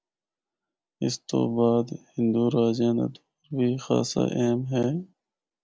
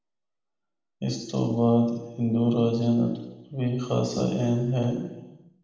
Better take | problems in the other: first | room echo; dies away in 1 s

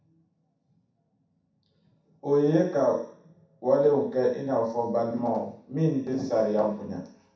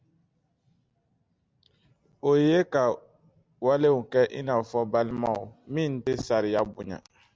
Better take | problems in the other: second | room echo; dies away in 0.7 s

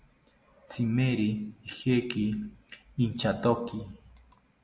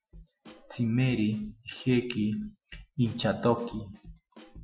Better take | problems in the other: first | noise reduction (classical method Wiener filter)

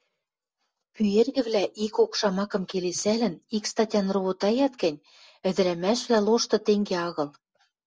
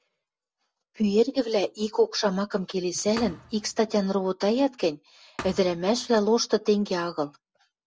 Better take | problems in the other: first | background sound (Thump, thud); 18 dB below the speech

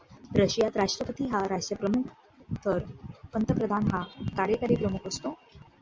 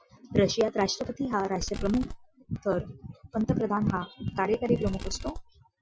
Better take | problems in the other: first | noise reduction (classical method Wiener filter)

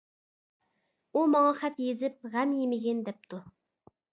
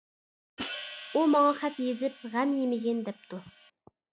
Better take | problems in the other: first | background sound (Hi-hat); 15 dB below the speech

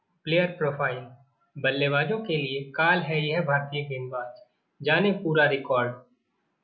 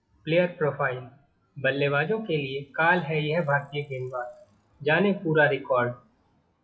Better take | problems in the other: first | noise reduction (classical method WPE with log-MMSE)

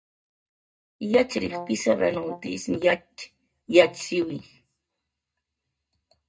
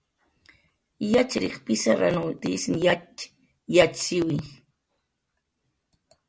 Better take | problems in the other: second | noise reduction (neural mask model DeepFilterNet 3)

